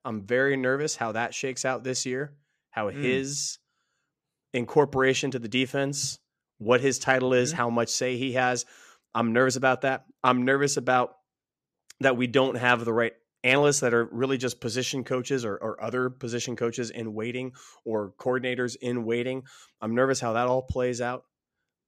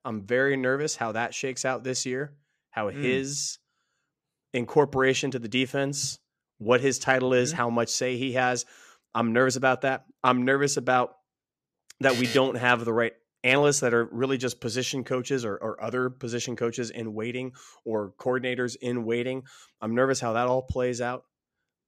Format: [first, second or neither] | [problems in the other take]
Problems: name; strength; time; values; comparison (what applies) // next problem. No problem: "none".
first | alarm; noticeable; at 12 s; peak 5 dB below the speech